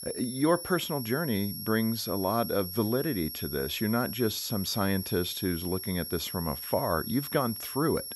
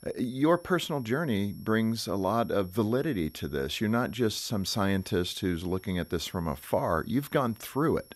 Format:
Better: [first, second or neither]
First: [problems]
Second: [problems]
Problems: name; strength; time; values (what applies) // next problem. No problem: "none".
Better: second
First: high-pitched whine; loud; throughout; 11.5 kHz, 6 dB below the speech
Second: high-pitched whine; faint; throughout; 11.5 kHz, 25 dB below the speech